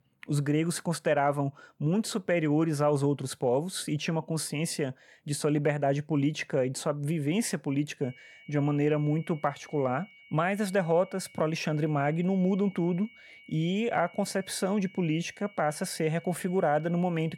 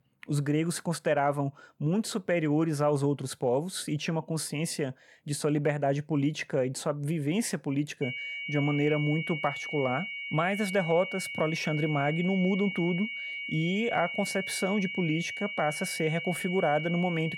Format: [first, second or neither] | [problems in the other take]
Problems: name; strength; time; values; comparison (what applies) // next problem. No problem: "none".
first | high-pitched whine; loud; from 8 s on; 2 kHz, 5 dB below the speech; faint in the first